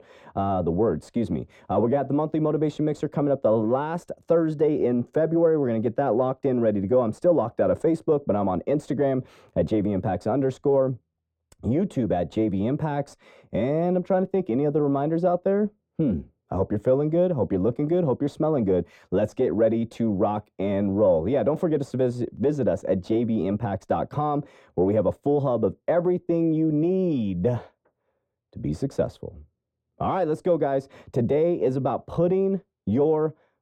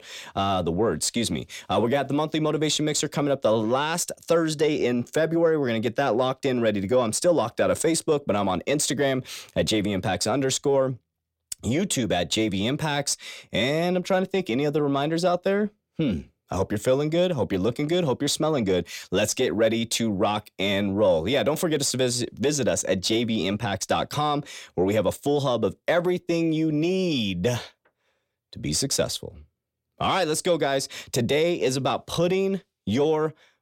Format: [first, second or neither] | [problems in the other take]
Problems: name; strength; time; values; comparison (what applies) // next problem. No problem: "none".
second | muffled; very; fading above 2 kHz